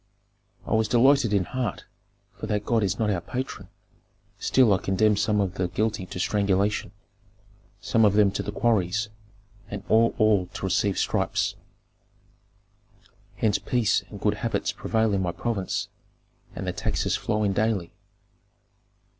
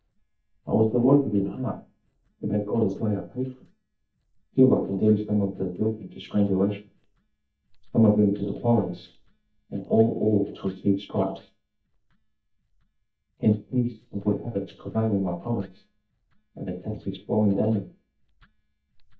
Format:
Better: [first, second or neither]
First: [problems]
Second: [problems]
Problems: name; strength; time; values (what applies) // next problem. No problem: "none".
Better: first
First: none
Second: noise reduction (neural mask model DeepFilterNet 3)